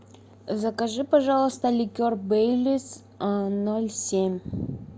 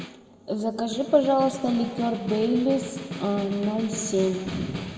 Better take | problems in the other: first | background sound (Snare drum); 12 dB below the speech // room echo; dies away in 1.6 s

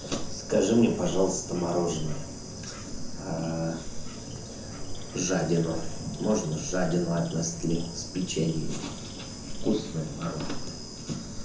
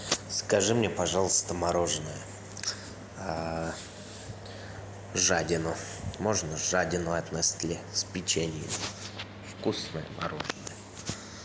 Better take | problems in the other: second | background sound (Bird / Insect); 7 dB below the speech // room echo; dies away in 0.6 s

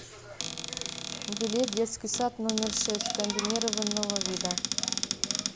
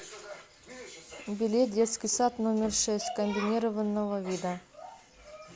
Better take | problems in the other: second | background sound (Cupboard open or close); 1 dB below the speech

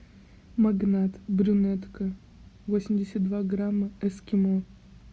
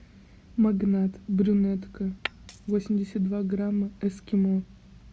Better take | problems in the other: first | background sound (Glass); 13 dB below the speech

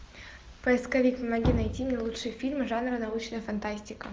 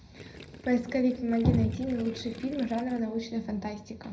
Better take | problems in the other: first | background sound (Gurgling); 18 dB below the speech // room echo; dies away in 0.4 s

